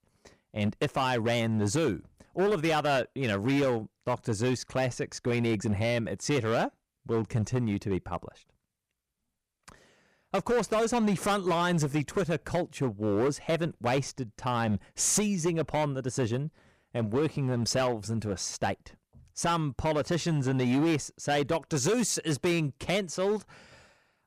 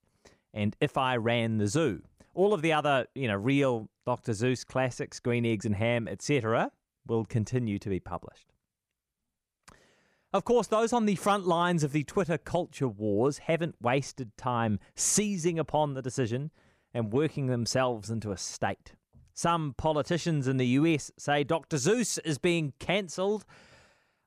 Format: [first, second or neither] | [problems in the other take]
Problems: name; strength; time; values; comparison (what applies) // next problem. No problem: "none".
second | distortion; slight; 10% of the sound clipped